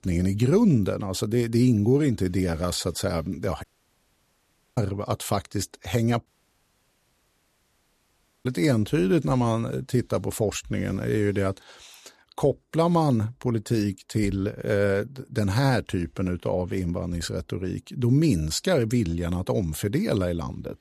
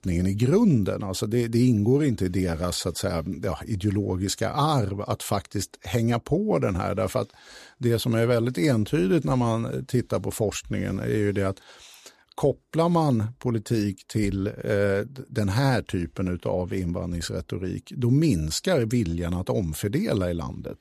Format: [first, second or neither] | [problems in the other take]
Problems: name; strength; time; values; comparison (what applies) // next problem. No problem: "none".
second | audio cutting out; at 3.5 s for 1 s and at 6.5 s for 2 s